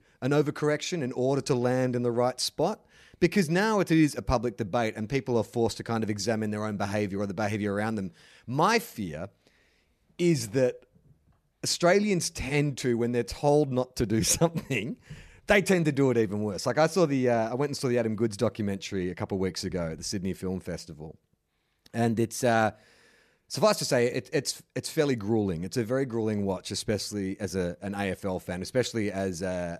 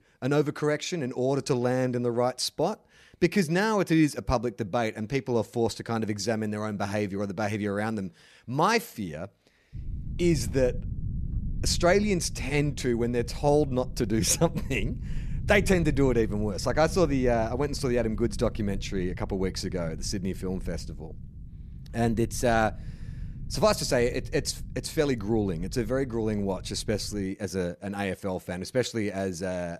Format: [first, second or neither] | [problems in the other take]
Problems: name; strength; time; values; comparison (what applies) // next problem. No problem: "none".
first | low rumble; faint; from 9.5 to 27 s; 25 dB below the speech